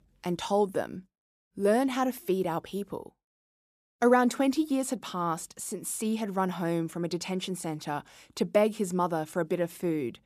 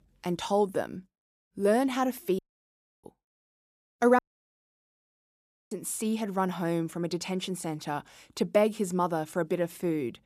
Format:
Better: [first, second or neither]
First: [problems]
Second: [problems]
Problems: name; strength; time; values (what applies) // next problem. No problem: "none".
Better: first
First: none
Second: audio cutting out; at 2.5 s for 0.5 s and at 4 s for 1.5 s